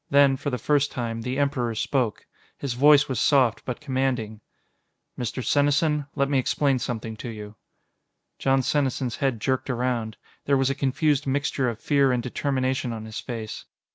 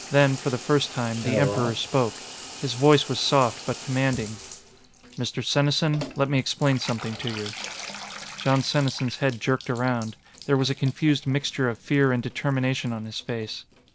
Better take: first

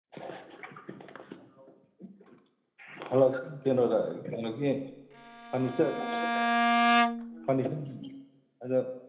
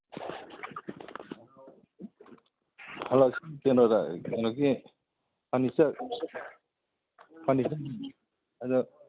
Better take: second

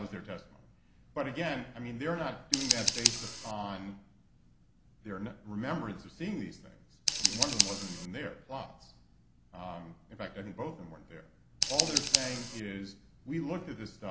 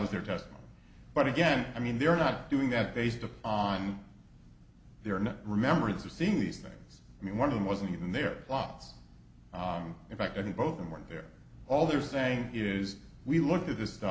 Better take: second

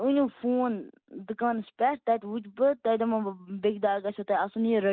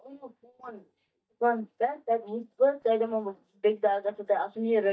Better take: first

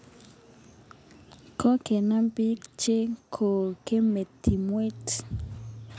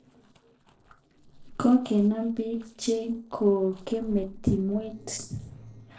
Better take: first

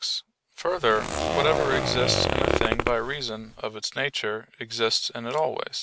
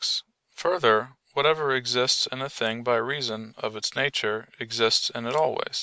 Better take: second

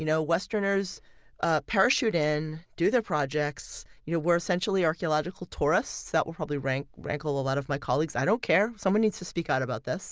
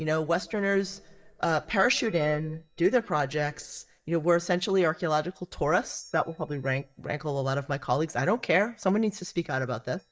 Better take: first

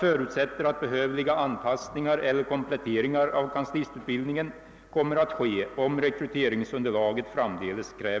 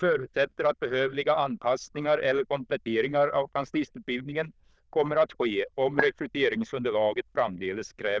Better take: first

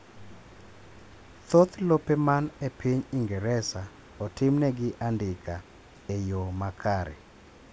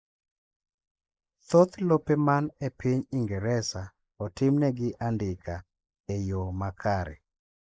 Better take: first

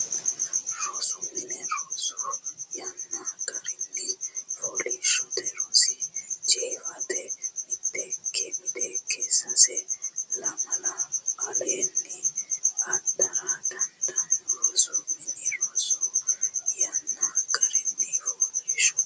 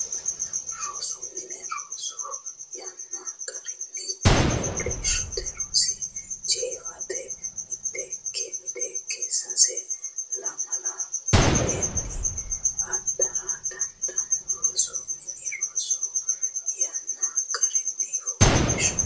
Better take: first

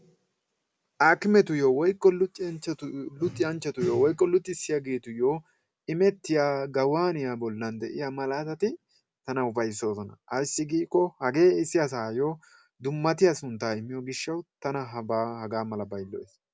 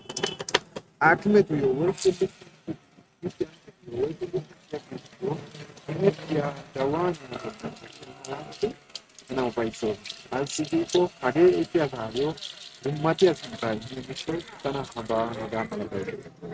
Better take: first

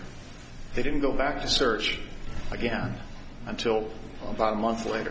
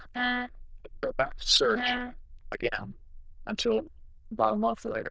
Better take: first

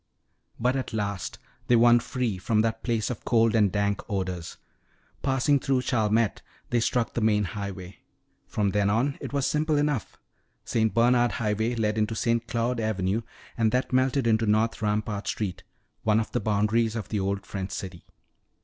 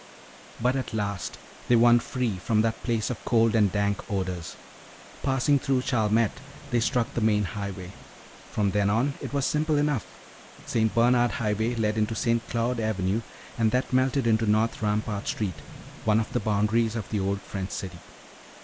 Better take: first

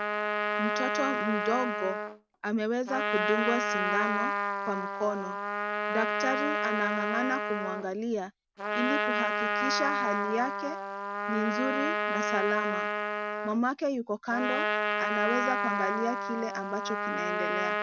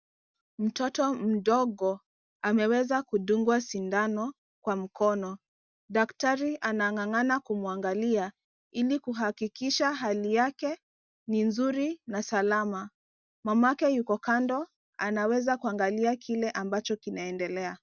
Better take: second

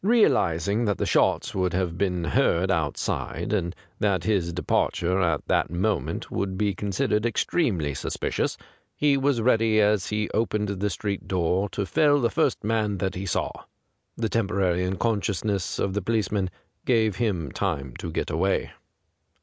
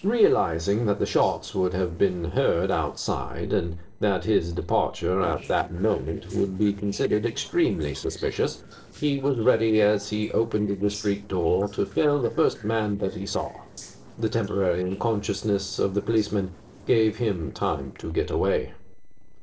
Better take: first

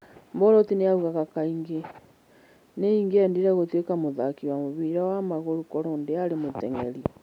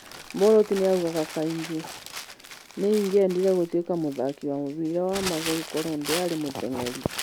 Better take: first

